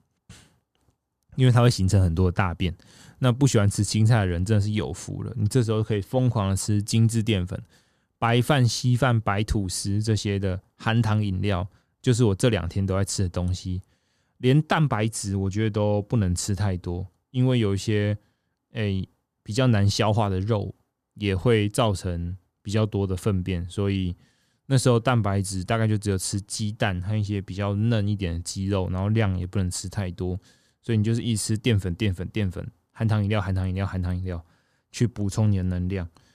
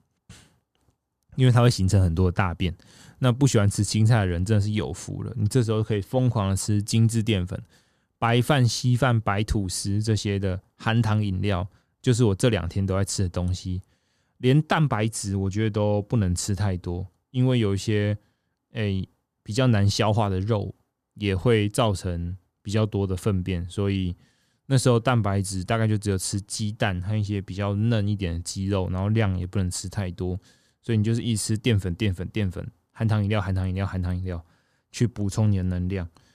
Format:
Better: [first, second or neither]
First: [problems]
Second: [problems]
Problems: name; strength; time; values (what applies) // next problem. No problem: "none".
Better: neither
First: none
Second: none